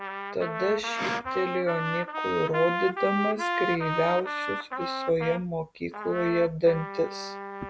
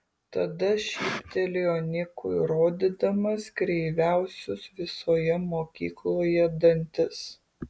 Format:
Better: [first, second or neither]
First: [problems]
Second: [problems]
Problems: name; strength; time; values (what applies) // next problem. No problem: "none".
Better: second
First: background sound (Trumpet); 4 dB below the speech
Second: none